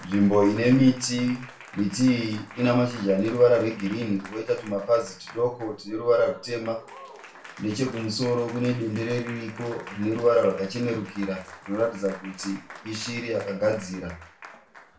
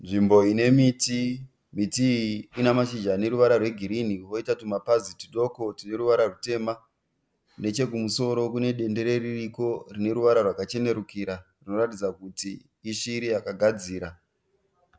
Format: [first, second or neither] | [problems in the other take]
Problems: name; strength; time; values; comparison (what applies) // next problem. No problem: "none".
second | background sound (Applause); 19 dB below the speech // room echo; dies away in 0.3 s